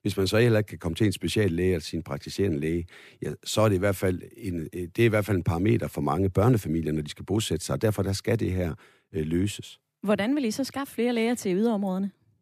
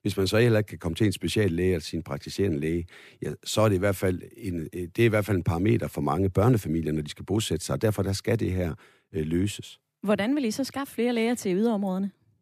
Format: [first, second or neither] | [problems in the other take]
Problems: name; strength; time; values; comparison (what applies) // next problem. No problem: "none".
neither | none